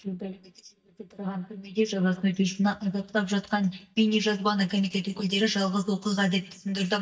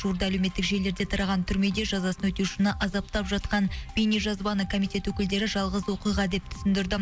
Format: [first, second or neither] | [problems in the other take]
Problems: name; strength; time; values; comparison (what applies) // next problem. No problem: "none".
second | noise reduction (neural mask model DeepFilterNet 3)